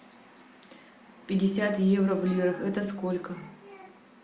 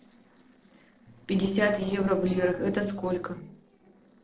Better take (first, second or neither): first